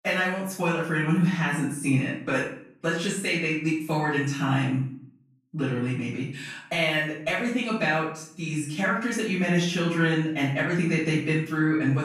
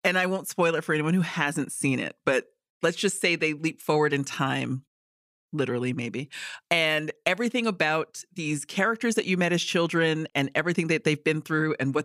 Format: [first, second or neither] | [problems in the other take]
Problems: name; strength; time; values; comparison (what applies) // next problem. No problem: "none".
second | off-mic speech; far // room echo; noticeable; dies away in 0.5 s